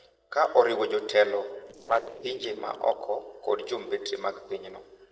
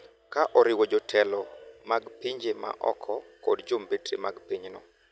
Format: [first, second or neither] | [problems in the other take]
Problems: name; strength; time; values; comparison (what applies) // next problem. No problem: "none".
second | noise reduction (neural separator model SepFormer DNS4)